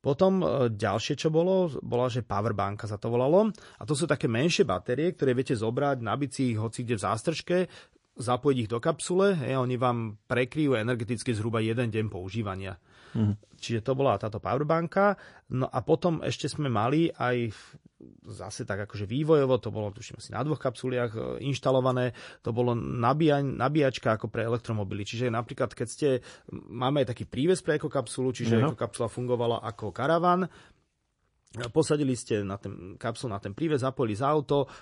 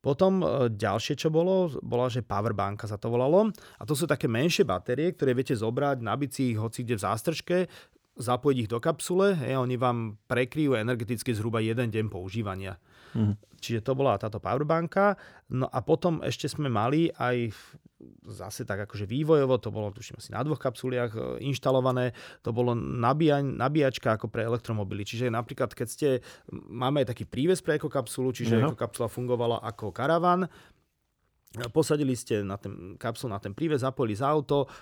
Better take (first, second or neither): second